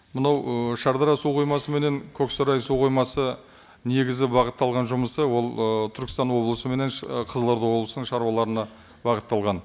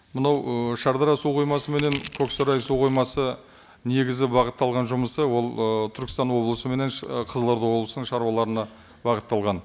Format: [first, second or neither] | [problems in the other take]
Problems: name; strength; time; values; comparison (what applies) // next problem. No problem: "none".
first | background sound (Crushing); 15 dB below the speech